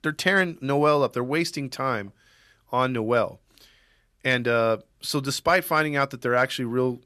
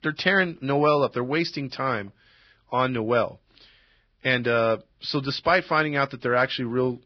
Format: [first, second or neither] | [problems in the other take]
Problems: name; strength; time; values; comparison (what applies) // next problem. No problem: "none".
first | garbled, watery; badly; nothing above 5 kHz